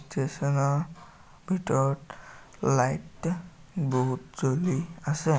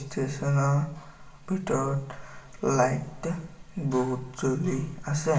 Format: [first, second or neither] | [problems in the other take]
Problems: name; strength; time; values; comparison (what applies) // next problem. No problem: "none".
first | room echo; dies away in 0.7 s